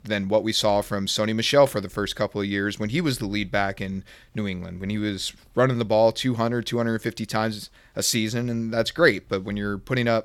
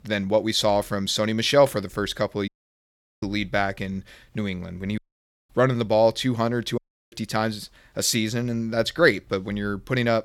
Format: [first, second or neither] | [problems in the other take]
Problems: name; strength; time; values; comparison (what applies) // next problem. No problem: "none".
first | audio cutting out; at 2.5 s for 0.5 s, at 5 s for 0.5 s and at 7 s